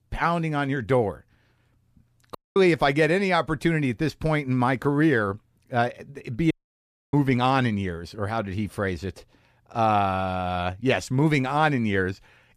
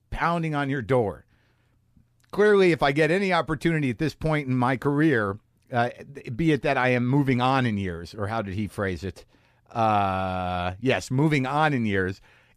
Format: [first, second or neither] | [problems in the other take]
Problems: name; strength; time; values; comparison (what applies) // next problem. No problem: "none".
second | audio cutting out; at 2.5 s and at 6.5 s for 0.5 s